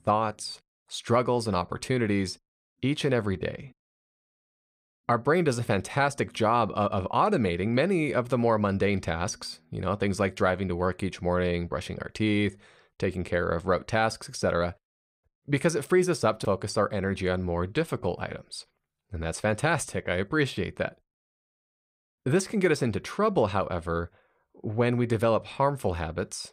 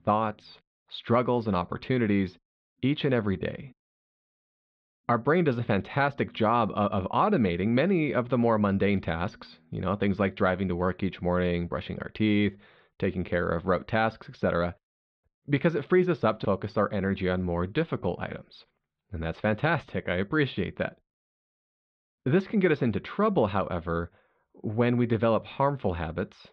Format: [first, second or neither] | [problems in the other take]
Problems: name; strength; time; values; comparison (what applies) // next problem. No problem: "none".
first | muffled; slightly; fading above 3.5 kHz